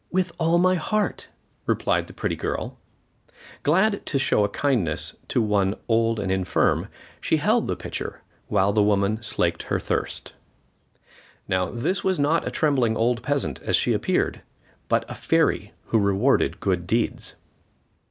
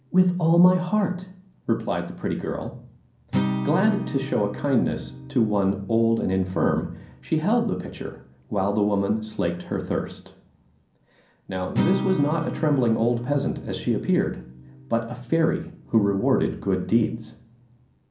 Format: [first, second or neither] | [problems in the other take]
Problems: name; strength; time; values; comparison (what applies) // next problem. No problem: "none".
first | background sound (Acoustic guitar); 11 dB below the speech // room echo; dies away in 0.6 s